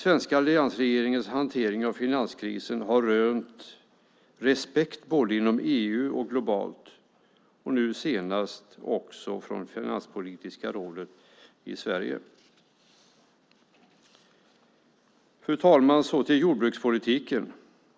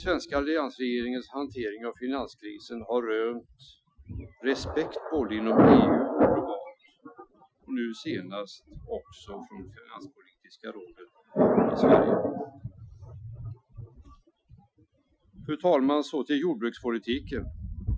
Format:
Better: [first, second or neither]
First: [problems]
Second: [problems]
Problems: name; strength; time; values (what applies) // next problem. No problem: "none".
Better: first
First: none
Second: noise reduction (classical method Wiener filter)